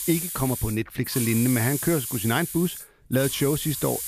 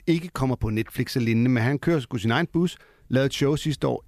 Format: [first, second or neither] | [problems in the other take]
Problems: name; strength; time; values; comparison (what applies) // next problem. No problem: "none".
second | hiss; loud; throughout; 5 dB below the speech